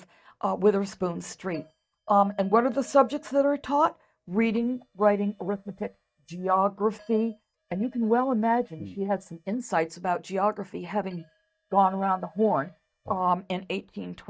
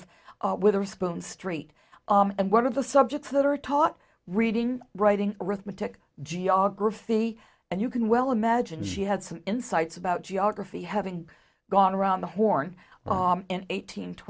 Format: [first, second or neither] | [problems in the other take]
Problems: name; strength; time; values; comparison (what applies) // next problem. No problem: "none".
second | noise reduction (neural mask model DeepFilterNet 3)